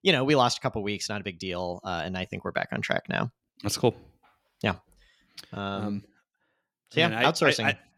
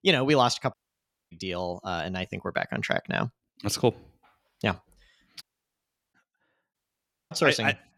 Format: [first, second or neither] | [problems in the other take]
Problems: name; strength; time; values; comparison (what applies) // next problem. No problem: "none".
first | audio cutting out; at 0.5 s for 0.5 s, at 5.5 s for 0.5 s and at 6.5 s for 0.5 s